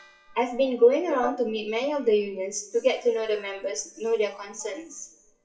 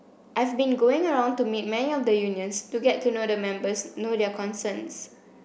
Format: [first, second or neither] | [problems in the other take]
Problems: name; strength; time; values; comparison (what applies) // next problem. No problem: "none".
second | noise reduction (classical method WPE with log-MMSE)